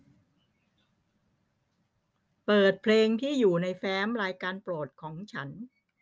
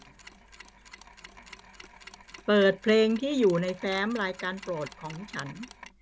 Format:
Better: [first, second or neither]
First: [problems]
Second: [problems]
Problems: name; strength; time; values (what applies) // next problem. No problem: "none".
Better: first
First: none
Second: background sound (Mechanisms); 19 dB below the speech